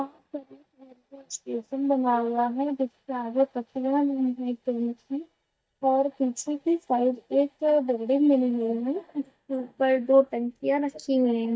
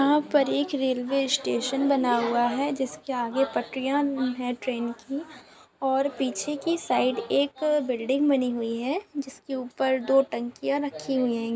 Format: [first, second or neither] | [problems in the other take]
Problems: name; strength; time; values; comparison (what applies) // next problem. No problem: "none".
second | noise reduction (neural mask model DeepFilterNet 3)